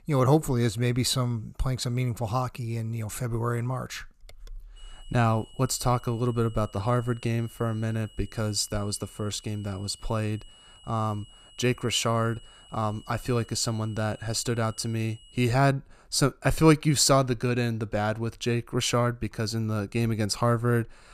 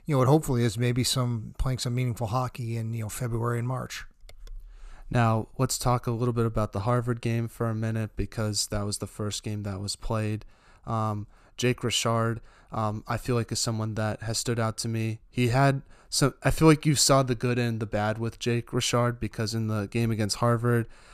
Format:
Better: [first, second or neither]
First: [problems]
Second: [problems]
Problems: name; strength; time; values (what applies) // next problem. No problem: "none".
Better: second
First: high-pitched whine; faint; from 5 to 16 s; 3 kHz, 25 dB below the speech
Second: none